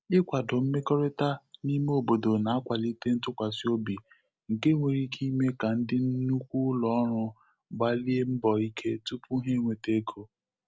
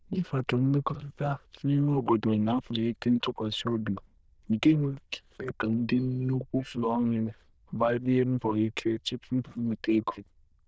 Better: first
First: none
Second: noise reduction (neural diffusion model UNIVERSE++)

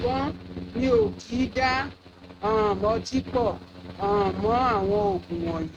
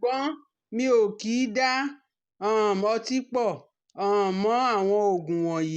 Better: second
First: noise reduction (neural mask model RNNoise)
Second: none

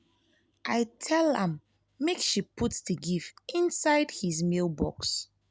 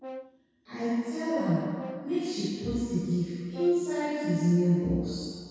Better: first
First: none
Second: background sound (Brass instrument); 19 dB below the speech // room echo; dies away in 2 s

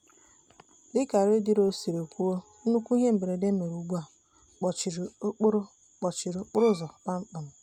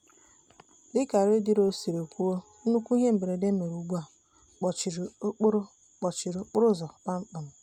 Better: second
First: background sound (Bowed string instrument); 17 dB below the speech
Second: none

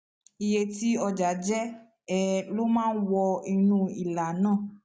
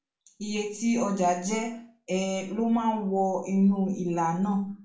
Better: first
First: none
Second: room echo; dies away in 0.4 s

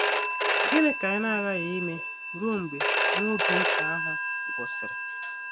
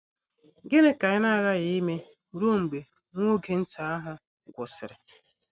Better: second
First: background sound (Telephone); 3 dB above the speech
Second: none

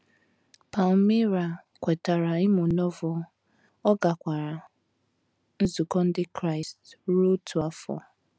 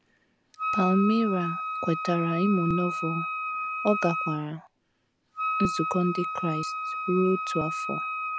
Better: first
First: none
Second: background sound (Wind instrument, woodwind instrument); 3 dB below the speech

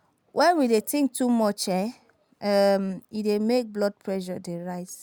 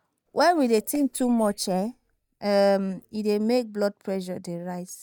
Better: first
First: none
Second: noise reduction (neural mask model DeepFilterNet 3)

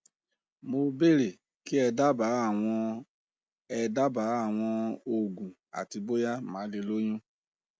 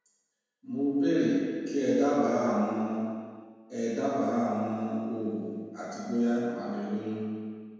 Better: first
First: none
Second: room echo; dies away in 1.9 s

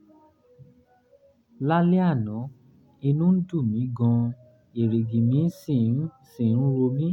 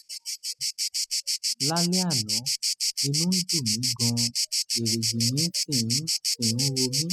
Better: first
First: none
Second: noise reduction (classical method spectral subtraction)

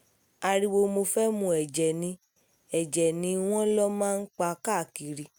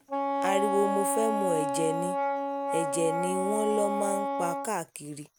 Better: first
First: none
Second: background sound (Wind instrument, woodwind instrument); 1 dB above the speech

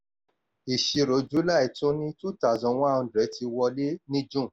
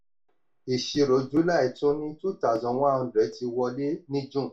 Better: first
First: none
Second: room echo; dies away in 0.2 s

